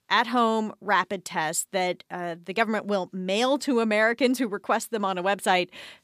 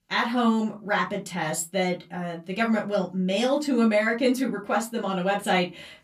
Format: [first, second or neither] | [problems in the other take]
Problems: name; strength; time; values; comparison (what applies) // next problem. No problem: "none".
first | off-mic speech; far // room echo; very slight; dies away in 0.2 s